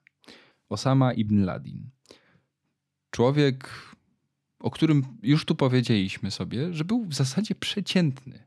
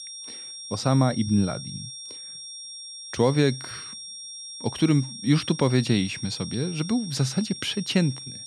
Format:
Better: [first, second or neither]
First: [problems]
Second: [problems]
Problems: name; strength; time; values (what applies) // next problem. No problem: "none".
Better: first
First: none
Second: high-pitched whine; noticeable; throughout; 5.5 kHz, 10 dB below the speech